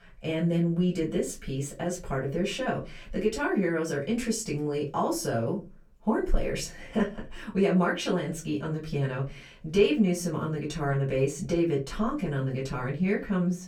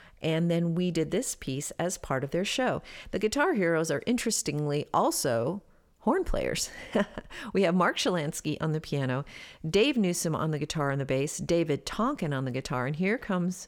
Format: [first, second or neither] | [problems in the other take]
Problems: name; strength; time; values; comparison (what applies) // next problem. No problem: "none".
second | off-mic speech; far // room echo; very slight; dies away in 0.2 s